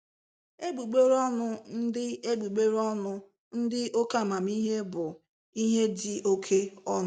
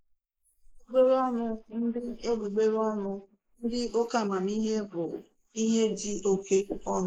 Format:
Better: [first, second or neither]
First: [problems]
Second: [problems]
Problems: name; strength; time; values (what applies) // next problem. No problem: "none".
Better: first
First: none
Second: noise reduction (neural mask model Resemble Enhance denoiser)